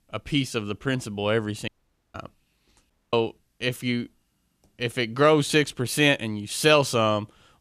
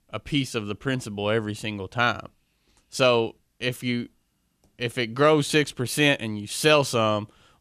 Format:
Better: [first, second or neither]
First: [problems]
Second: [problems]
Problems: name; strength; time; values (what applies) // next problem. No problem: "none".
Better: second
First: audio cutting out; at 1.5 s and at 3 s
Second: none